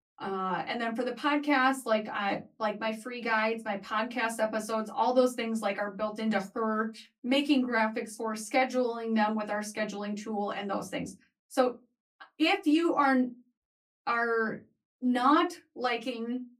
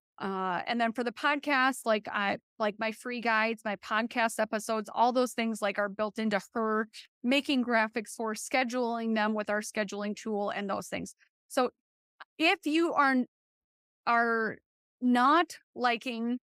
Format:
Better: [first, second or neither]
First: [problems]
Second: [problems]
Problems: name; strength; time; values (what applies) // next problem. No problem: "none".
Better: second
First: off-mic speech; far // room echo; very slight; dies away in 0.2 s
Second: none